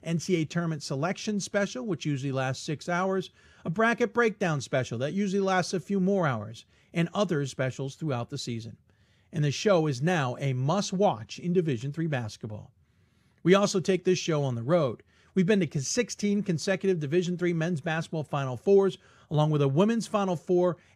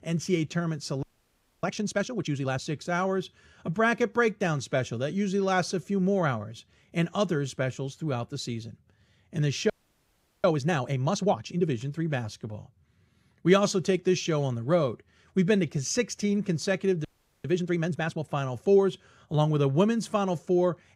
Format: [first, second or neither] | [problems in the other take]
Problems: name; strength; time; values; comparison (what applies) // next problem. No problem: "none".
first | audio freezing; at 1 s for 0.5 s, at 9.5 s for 0.5 s and at 17 s